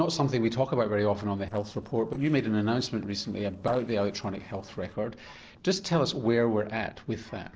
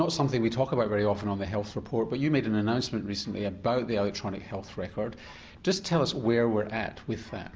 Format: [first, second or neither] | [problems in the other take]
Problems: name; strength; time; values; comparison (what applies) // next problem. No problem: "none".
second | noise reduction (neural separator model SepFormer DNS4)